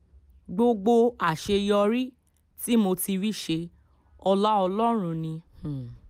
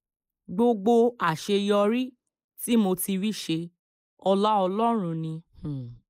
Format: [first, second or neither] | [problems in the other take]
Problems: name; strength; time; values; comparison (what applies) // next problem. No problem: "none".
first | noise reduction (neural mask model Resemble Enhance denoiser)